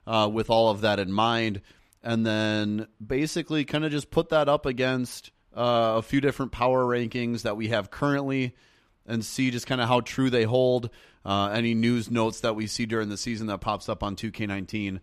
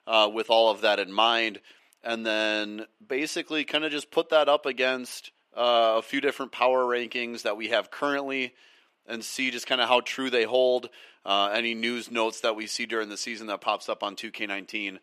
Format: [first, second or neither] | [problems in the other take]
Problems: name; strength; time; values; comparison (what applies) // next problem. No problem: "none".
first | thin; somewhat; fading below 350 Hz